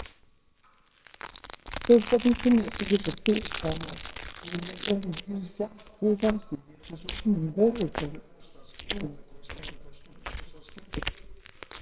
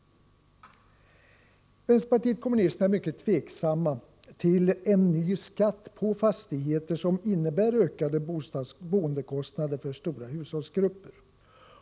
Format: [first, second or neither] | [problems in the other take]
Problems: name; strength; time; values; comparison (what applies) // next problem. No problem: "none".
second | noise reduction (neural separator model SepFormer WHAMR!)